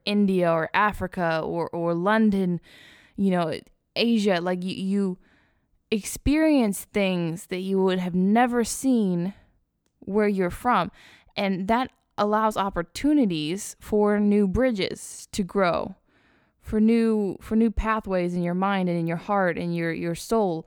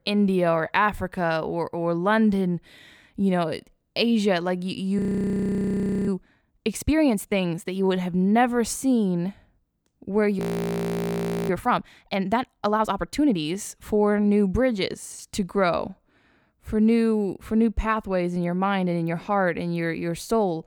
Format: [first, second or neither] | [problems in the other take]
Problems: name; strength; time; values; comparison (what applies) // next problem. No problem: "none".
first | audio freezing; at 5 s for 1 s and at 10 s for 1 s